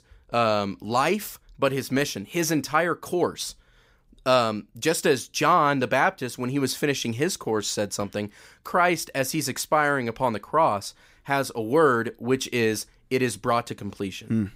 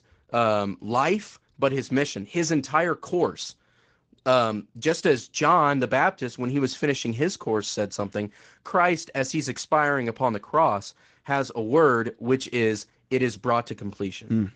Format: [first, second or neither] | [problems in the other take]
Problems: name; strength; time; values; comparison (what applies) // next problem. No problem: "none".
first | garbled, watery; slightly